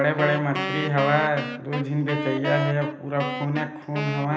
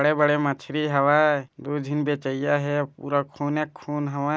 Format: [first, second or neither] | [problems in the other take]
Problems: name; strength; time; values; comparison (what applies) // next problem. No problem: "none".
second | background sound (Wind instrument, woodwind instrument); 7 dB below the speech // room echo; dies away in 1.1 s